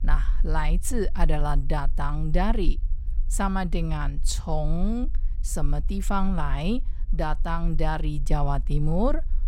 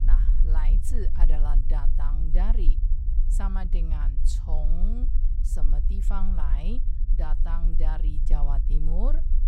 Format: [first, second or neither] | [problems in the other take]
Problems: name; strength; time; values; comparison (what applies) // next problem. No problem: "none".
first | low rumble; loud; throughout; 8 dB below the speech; faint in the first